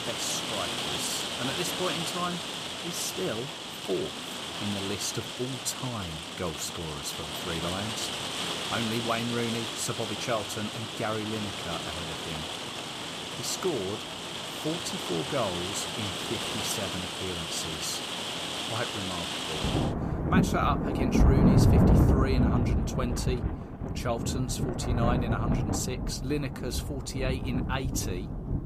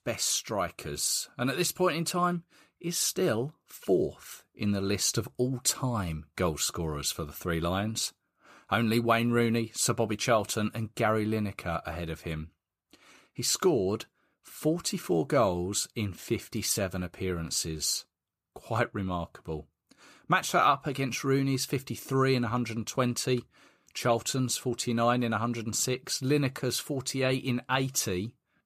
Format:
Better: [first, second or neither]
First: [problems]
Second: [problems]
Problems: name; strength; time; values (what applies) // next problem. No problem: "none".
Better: second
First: rain or running water; very loud; throughout; 4 dB above the speech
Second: none